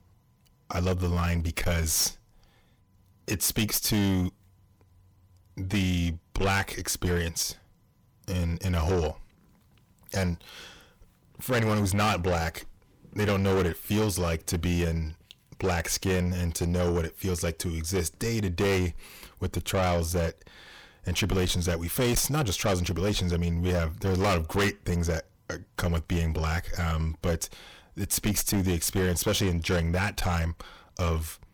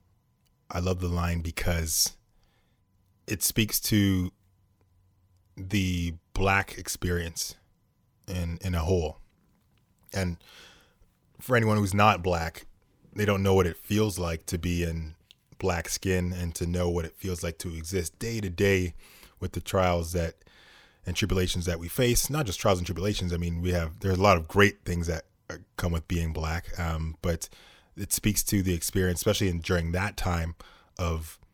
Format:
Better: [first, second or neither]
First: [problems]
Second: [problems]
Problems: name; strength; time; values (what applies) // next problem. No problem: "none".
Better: second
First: distortion; heavy; 7 dB below the speech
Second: none